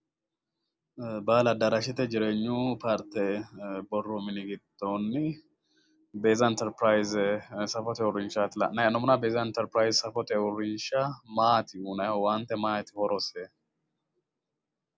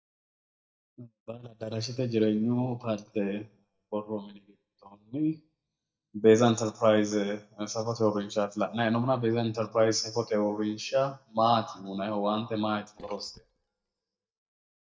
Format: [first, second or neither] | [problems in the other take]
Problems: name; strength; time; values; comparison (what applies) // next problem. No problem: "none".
first | noise reduction (neural mask model DeepFilterNet 3)